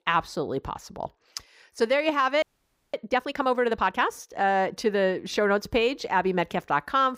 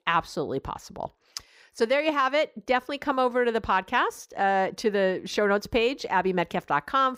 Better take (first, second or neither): second